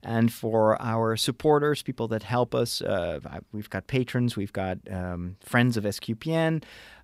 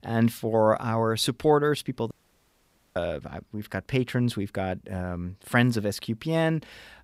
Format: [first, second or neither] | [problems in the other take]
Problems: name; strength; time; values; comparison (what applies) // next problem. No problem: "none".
first | audio cutting out; at 2 s for 1 s